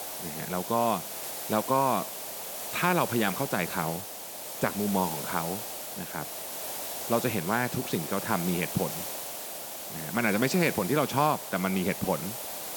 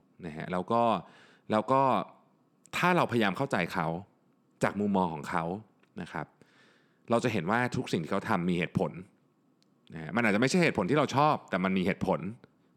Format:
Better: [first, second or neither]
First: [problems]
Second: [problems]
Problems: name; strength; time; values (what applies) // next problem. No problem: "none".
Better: second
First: hiss; loud; throughout; 6 dB below the speech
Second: none